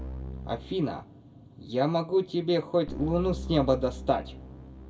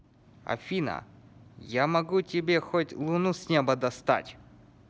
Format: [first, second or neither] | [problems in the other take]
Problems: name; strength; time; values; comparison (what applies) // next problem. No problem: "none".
second | background sound (Keyboard (musical)); 12 dB below the speech // room echo; dies away in 0.2 s